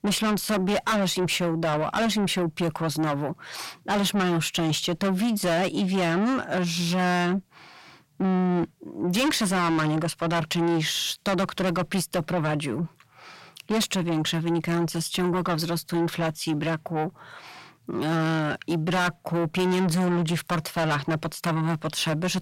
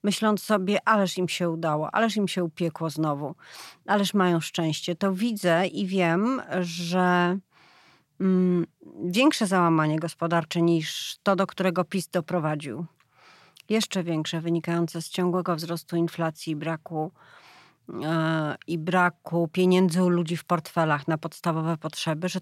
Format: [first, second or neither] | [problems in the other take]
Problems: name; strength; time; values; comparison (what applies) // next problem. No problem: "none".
second | distortion; heavy; 5 dB below the speech